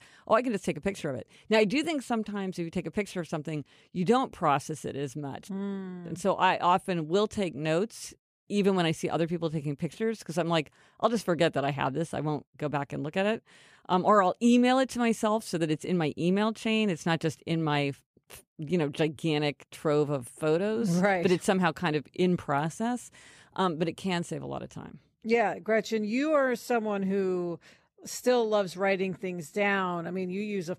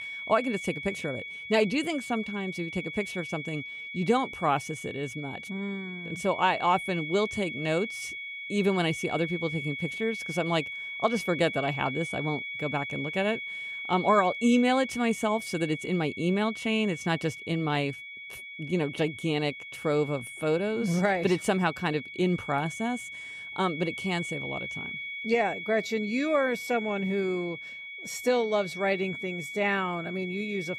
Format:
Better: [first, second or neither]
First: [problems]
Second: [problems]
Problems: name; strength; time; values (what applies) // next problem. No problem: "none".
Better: first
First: none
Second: high-pitched whine; loud; throughout; 2 kHz, 7 dB below the speech